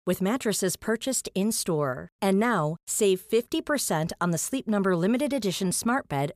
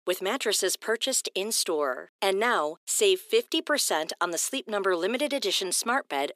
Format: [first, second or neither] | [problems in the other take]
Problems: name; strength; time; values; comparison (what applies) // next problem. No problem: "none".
first | thin; somewhat; fading below 300 Hz